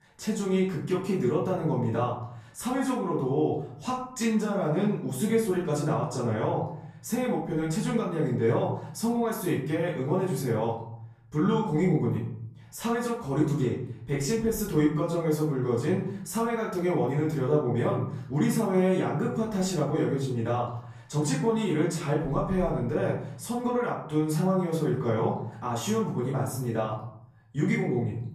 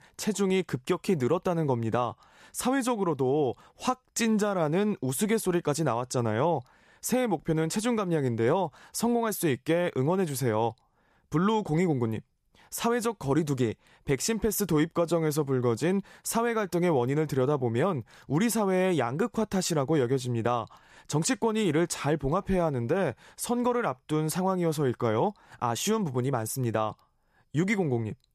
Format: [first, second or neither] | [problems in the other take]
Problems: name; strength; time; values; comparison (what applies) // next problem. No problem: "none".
second | off-mic speech; far // room echo; noticeable; dies away in 0.8 s